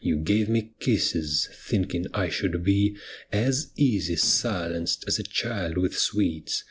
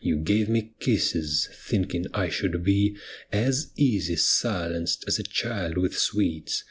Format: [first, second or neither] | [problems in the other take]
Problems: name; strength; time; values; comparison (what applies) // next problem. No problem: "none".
second | noise reduction (neural separator model SepFormer DNS4)